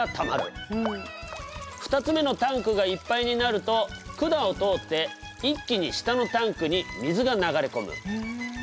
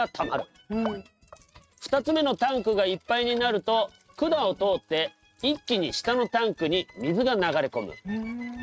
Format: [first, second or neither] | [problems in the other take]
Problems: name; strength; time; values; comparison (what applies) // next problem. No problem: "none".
first | noise reduction (neural mask model RNNoise)